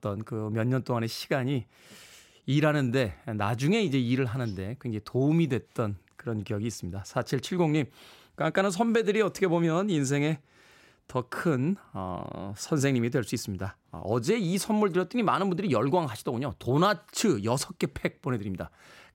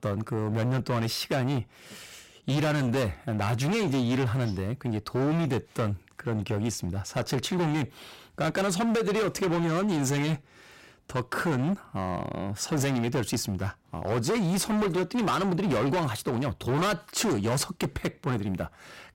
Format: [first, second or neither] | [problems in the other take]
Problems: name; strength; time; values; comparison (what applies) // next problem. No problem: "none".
first | distortion; heavy; 21% of the sound clipped